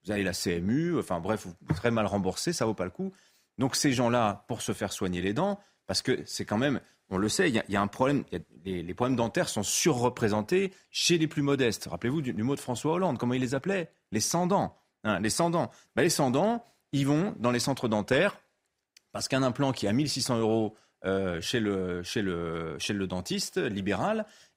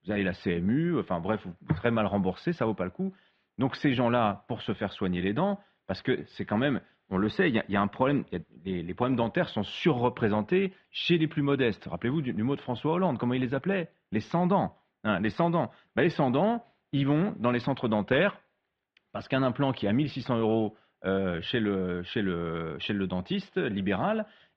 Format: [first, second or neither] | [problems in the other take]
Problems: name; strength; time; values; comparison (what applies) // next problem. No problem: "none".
first | muffled; very; fading above 3.5 kHz